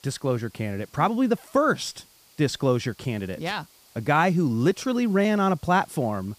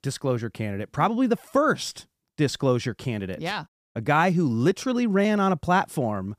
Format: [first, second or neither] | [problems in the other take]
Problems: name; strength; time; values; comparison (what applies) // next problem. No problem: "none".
second | hiss; faint; throughout; 30 dB below the speech